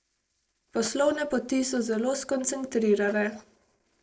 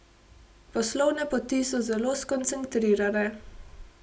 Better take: second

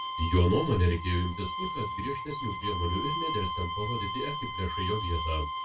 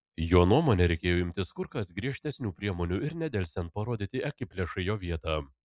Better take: second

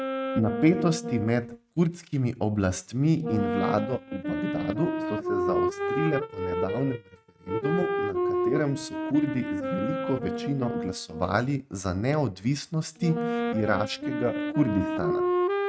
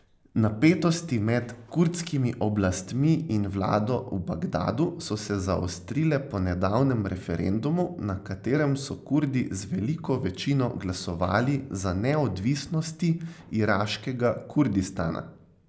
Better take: second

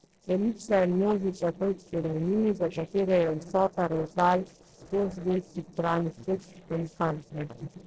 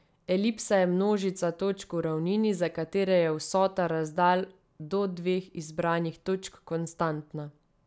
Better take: second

